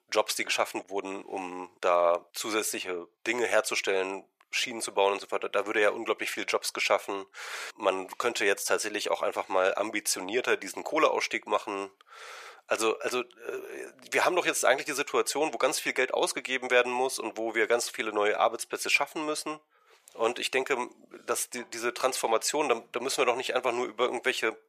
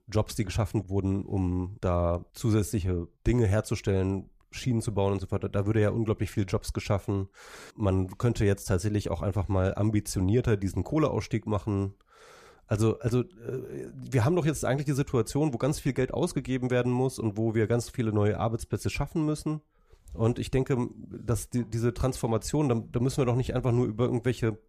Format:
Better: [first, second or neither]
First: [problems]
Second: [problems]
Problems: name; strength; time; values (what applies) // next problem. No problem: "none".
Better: second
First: thin; very; fading below 550 Hz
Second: none